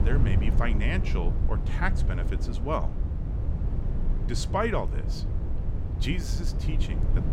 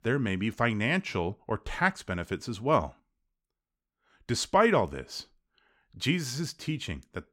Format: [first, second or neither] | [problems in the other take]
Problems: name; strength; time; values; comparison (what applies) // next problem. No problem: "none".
second | wind noise on the microphone; heavy; 9 dB below the speech